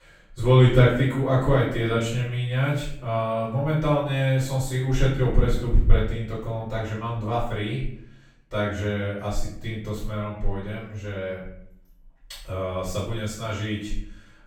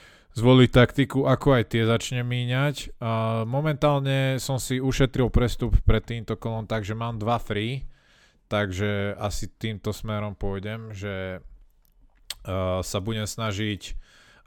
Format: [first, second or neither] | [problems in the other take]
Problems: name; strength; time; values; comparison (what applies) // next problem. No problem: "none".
second | off-mic speech; far // room echo; noticeable; dies away in 0.6 s